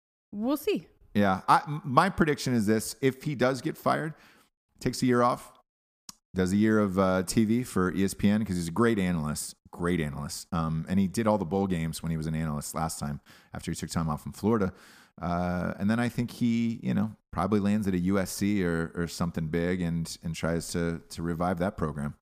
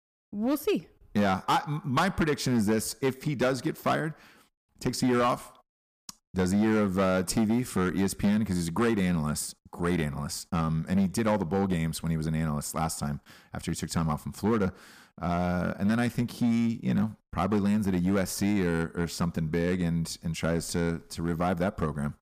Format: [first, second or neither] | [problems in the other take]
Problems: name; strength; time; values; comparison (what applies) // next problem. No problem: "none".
first | distortion; slight; 6% of the sound clipped